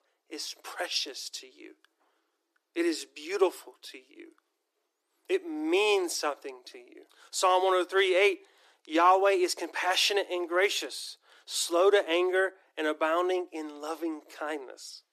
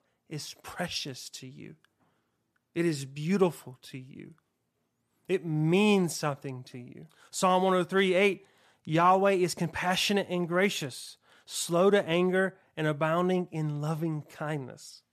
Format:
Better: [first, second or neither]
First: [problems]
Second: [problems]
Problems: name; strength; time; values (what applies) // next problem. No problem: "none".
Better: second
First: thin; very; fading below 300 Hz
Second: none